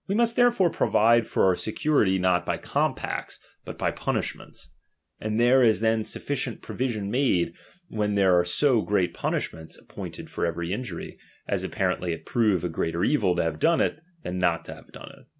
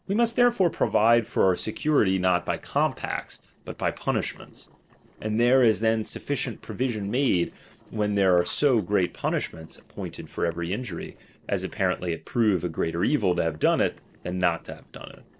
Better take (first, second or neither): first